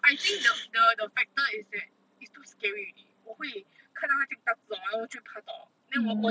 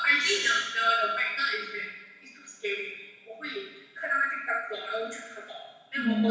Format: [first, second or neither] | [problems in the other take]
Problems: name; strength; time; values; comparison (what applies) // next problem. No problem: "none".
first | room echo; dies away in 1.1 s